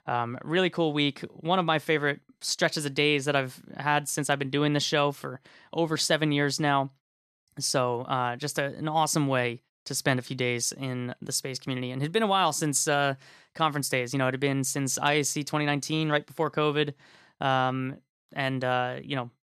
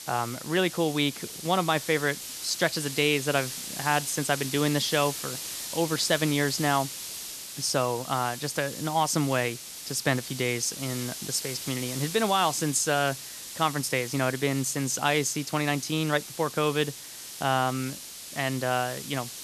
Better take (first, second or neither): first